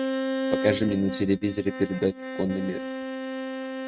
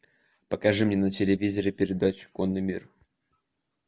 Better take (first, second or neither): second